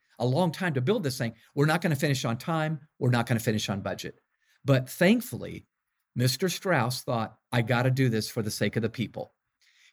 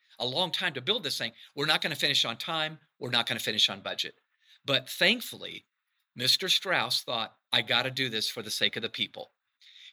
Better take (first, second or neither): first